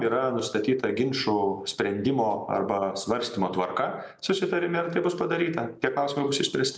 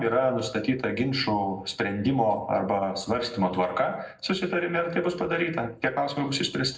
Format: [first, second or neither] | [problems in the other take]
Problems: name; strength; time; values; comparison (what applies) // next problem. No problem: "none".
first | room echo; dies away in 0.3 s